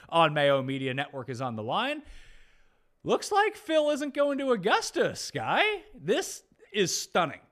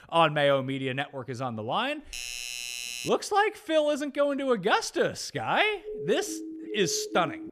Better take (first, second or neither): first